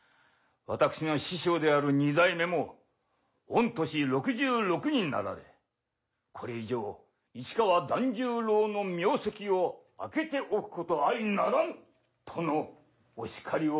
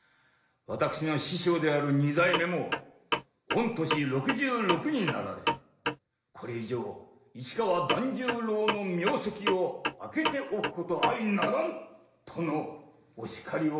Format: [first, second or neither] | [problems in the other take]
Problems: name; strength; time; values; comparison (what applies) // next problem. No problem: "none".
first | background sound (Clock); 4 dB below the speech // room echo; dies away in 0.9 s